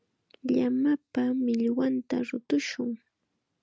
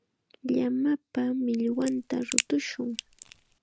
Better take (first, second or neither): first